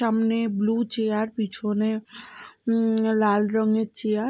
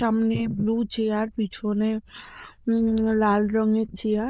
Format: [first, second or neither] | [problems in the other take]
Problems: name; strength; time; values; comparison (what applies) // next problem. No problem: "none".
first | noise reduction (neural diffusion model UNIVERSE++)